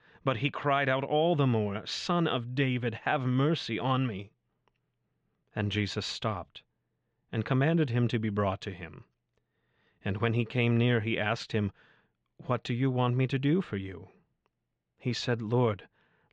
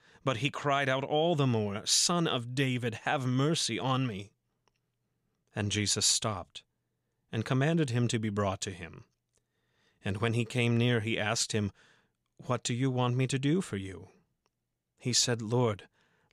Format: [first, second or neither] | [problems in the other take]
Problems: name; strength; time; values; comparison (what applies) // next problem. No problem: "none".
second | muffled; slightly; fading above 3 kHz